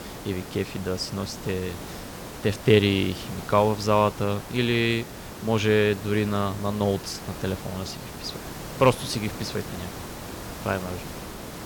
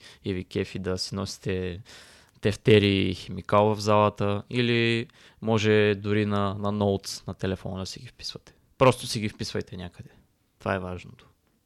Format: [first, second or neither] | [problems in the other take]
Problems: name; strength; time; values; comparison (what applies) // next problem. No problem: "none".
second | hiss; noticeable; throughout; 10 dB below the speech